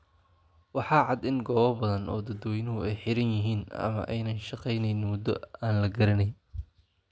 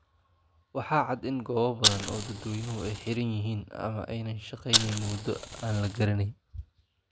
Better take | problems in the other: first | background sound (Fire); 1 dB above the speech

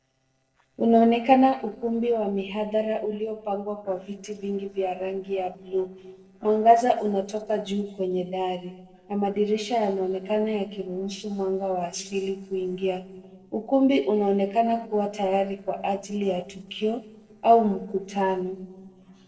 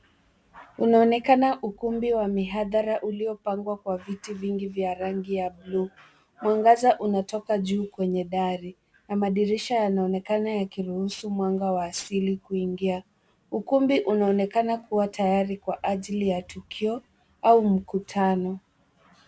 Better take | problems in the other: second | noise reduction (neural separator model SepFormer DNS4)

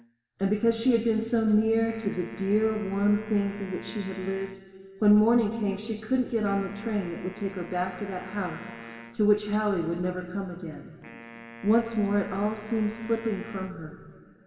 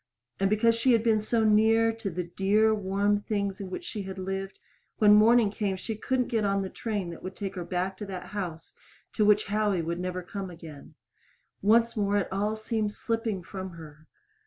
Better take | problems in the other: second | background sound (Wind instrument, woodwind instrument); 19 dB below the speech // room echo; dies away in 2.5 s

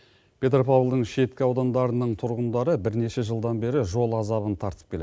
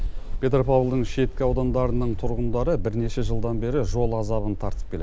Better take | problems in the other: first | background sound (Mechanical fan); 2 dB below the speech

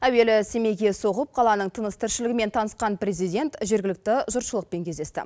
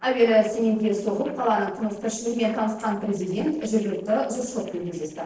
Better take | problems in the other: first | noise reduction (neural separator model SepFormer DNS4)

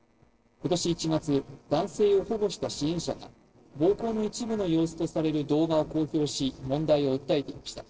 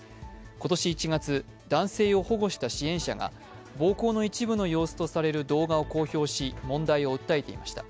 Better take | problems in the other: second | noise reduction (neural separator model SepFormer DNS4)

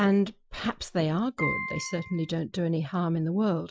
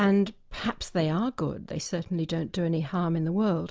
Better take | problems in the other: second | noise reduction (classical method Wiener filter)

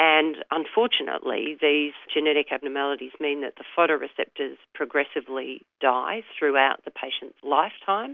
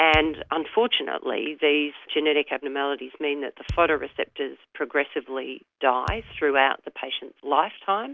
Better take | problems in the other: first | background sound (Thump, thud); 14 dB below the speech

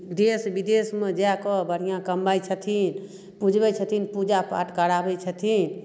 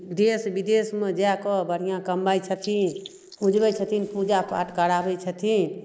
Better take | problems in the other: first | noise reduction (neural mask model Resemble Enhance denoiser)

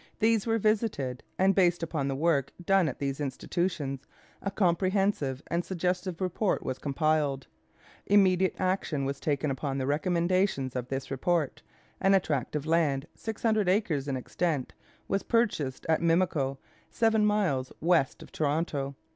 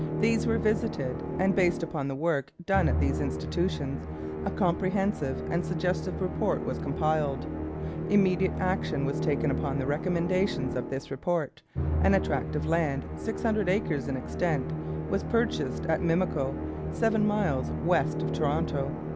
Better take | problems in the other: first | background sound (Musical instrument); 3 dB below the speech

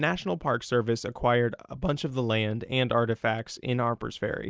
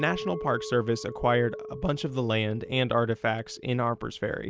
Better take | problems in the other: first | background sound (Chink, clink); 13 dB below the speech

